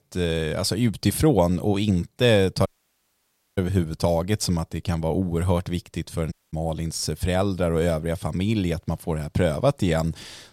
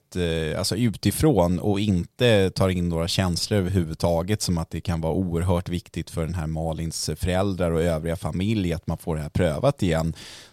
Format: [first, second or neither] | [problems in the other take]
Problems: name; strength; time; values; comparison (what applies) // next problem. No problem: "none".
second | audio cutting out; at 2.5 s for 1 s and at 6.5 s